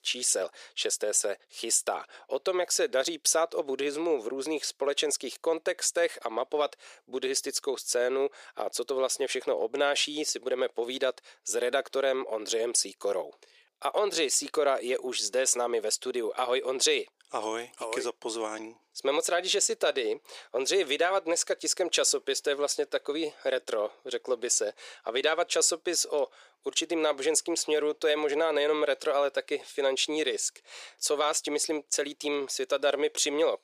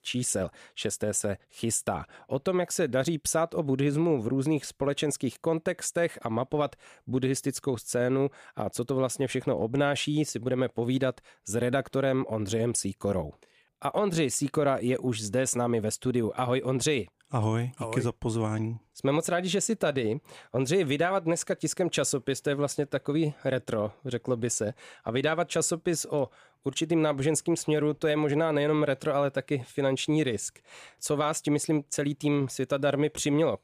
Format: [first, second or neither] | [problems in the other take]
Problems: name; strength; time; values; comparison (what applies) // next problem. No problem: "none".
second | thin; very; fading below 400 Hz